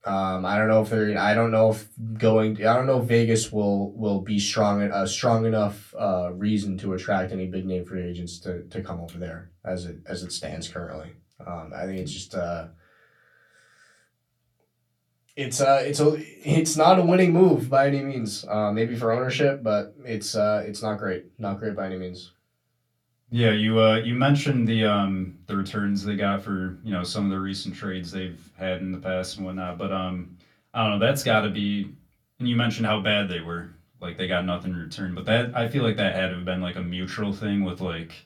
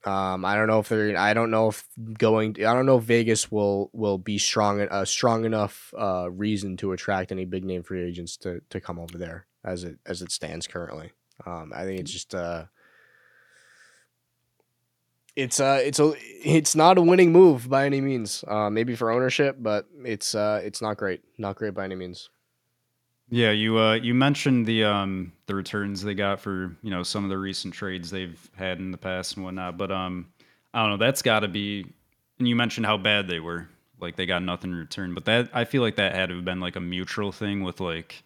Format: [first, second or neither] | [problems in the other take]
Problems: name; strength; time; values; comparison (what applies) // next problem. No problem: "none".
second | off-mic speech; far // room echo; very slight; dies away in 0.2 s